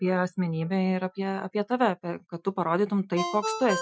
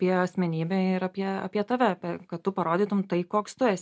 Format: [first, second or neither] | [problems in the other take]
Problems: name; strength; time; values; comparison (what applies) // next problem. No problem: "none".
second | noise reduction (classical method Wiener filter)